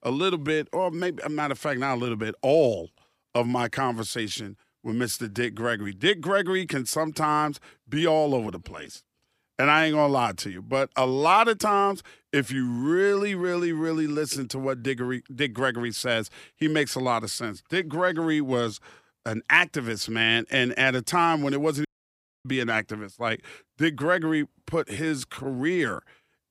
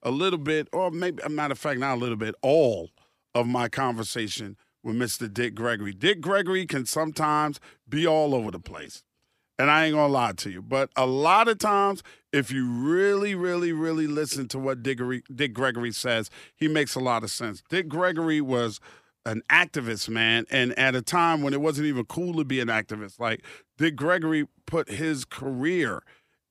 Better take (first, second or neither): second